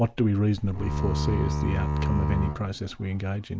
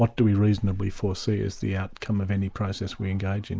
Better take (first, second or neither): second